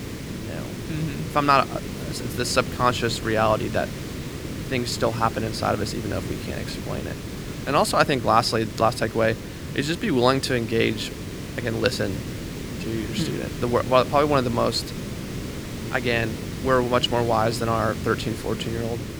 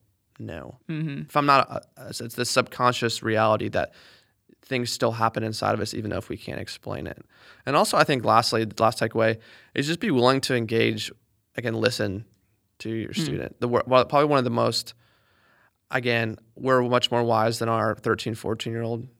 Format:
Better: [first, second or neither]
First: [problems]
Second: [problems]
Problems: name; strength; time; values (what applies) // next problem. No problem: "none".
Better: second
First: hiss; loud; throughout; 9 dB below the speech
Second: none